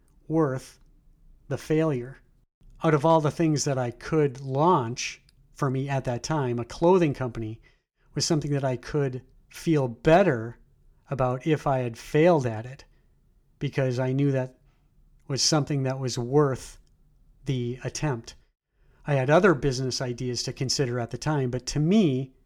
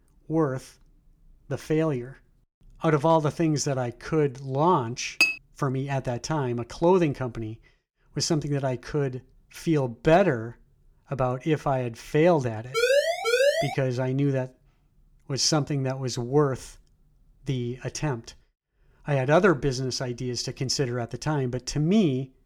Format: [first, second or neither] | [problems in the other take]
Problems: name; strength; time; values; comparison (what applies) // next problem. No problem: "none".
first | clattering dishes; loud; at 5 s; peak 4 dB above the speech // siren; loud; from 13 to 14 s; peak 4 dB above the speech